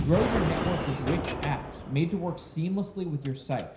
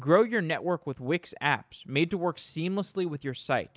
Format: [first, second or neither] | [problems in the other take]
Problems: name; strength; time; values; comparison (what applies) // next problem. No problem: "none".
second | background sound (Gunshot, gunfire); 3 dB below the speech // room echo; dies away in 0.5 s